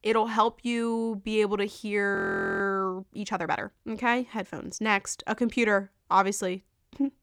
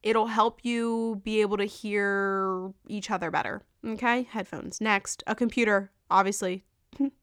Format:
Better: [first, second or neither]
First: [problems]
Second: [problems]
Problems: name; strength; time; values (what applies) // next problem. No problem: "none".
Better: second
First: audio freezing; at 2 s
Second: none